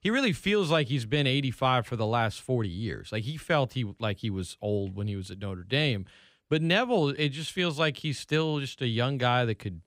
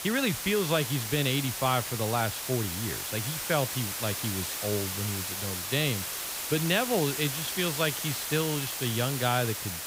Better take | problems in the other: first | hiss; loud; throughout; 2 dB below the speech

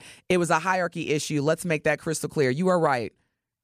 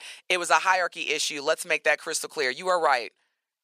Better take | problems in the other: first | thin; very; fading below 700 Hz

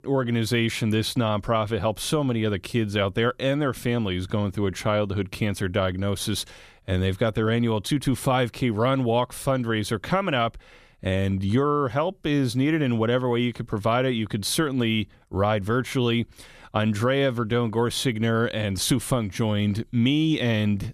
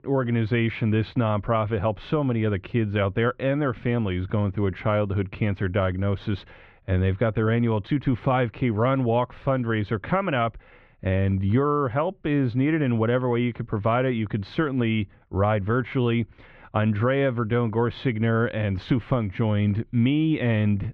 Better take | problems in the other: first | muffled; very; fading above 2.5 kHz

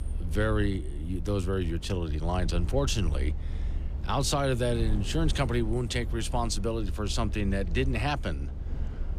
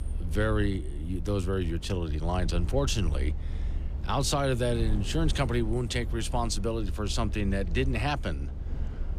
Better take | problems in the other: neither | low rumble; noticeable; throughout; 20 dB below the speech; the same in both

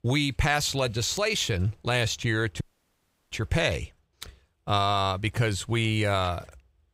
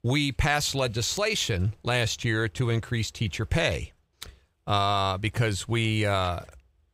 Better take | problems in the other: second | audio cutting out; at 2.5 s for 0.5 s

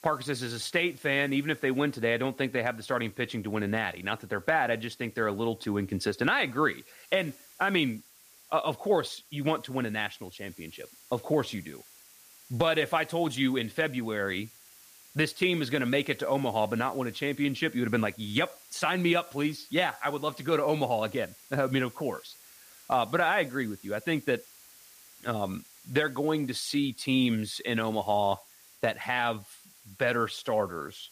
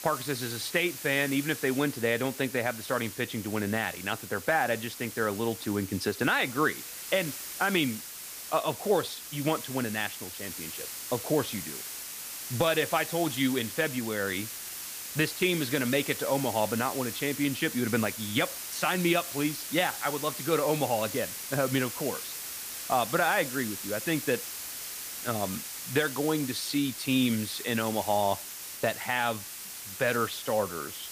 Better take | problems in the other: first | hiss; loud; throughout; 7 dB below the speech; faint in the first

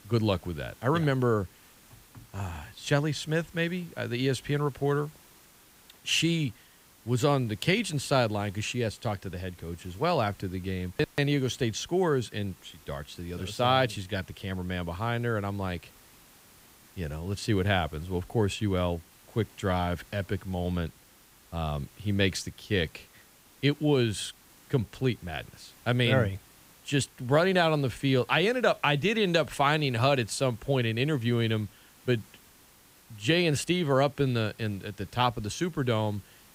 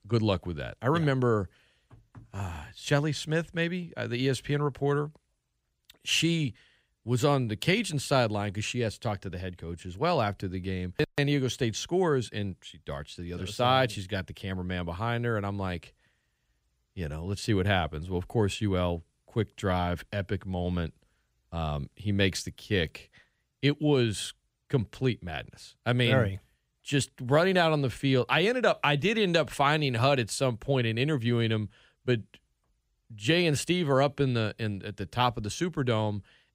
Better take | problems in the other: second | hiss; faint; throughout; 25 dB below the speech

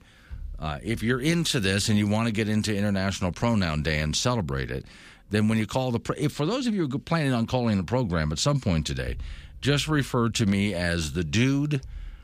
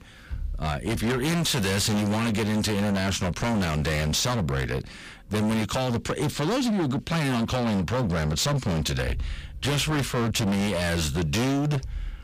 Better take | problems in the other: first | distortion; heavy; 31% of the sound clipped

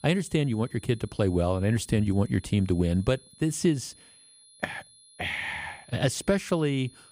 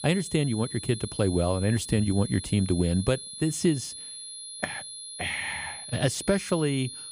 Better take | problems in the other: first | high-pitched whine; loud; throughout; 10.5 kHz, 10 dB below the speech; faint in the first

